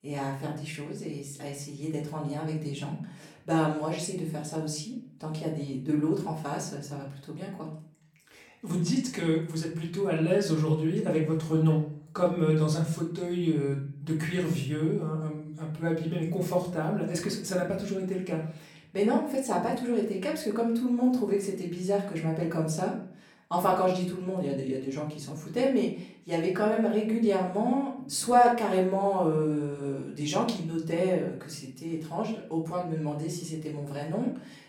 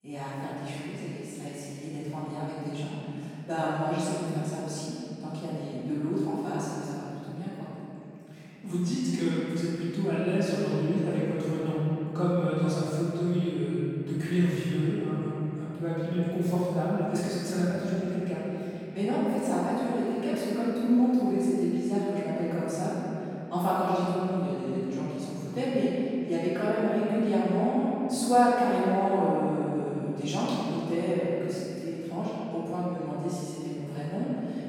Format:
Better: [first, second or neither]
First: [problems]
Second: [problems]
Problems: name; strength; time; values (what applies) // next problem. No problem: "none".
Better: first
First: room echo; slight; dies away in 0.5 s // off-mic speech; far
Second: room echo; strong; dies away in 3 s // off-mic speech; far